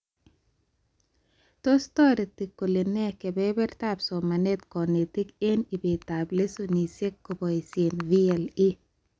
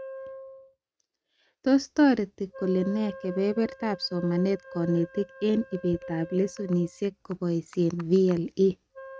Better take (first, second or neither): first